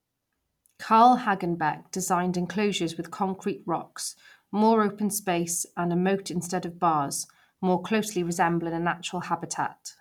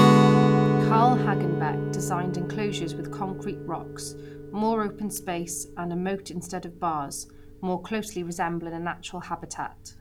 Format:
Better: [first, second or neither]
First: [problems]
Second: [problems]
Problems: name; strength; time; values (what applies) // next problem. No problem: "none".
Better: first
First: none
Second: background sound (Guitar); 4 dB above the speech